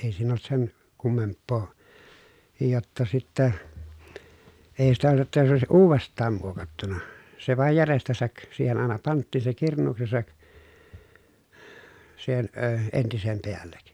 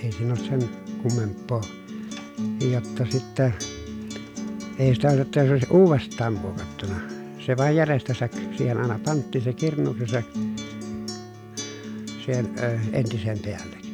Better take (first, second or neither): first